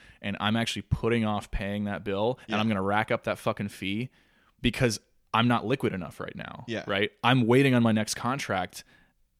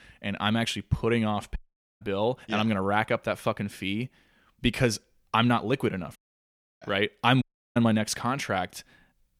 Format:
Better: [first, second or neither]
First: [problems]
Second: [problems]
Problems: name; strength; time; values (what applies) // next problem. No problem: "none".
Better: first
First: none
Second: audio cutting out; at 1.5 s, at 6 s for 0.5 s and at 7.5 s